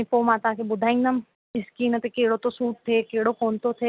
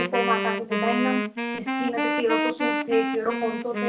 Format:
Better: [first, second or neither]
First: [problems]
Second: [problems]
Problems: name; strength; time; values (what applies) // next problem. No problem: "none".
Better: first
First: none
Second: background sound (Wind instrument, woodwind instrument); 1 dB above the speech // room echo; dies away in 0.3 s